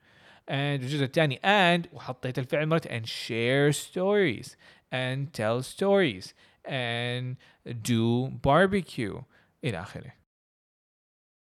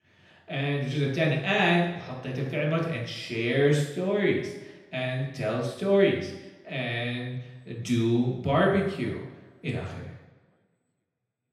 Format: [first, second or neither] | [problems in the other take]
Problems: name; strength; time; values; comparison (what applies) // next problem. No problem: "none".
first | room echo; noticeable; dies away in 0.9 s // off-mic speech; far